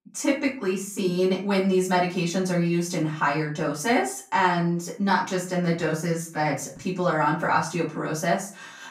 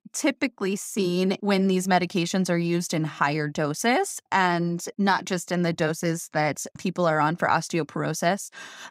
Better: second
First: room echo; slight; dies away in 0.3 s // off-mic speech; far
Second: none

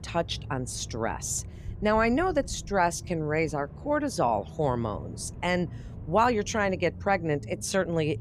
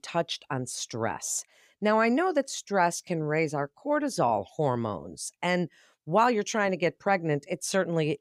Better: second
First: low rumble; faint; throughout; 25 dB below the speech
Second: none

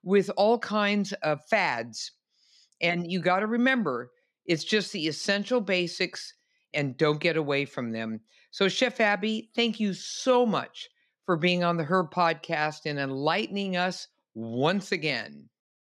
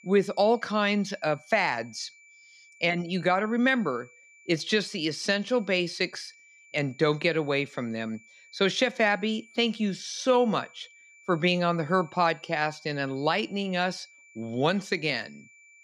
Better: first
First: none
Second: high-pitched whine; faint; throughout; 2.5 kHz, 25 dB below the speech

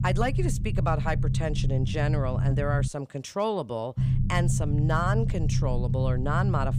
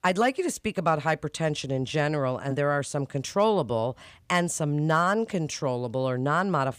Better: second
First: low rumble; loud; until 3 s and from 4 s on; 9 dB below the speech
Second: none

